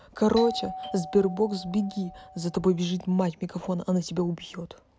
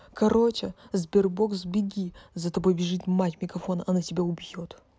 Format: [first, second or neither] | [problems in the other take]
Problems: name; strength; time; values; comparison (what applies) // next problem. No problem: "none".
second | background sound (Doorbell); 12 dB below the speech